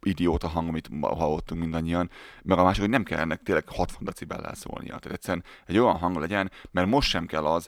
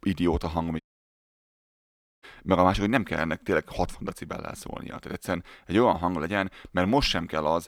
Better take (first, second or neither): first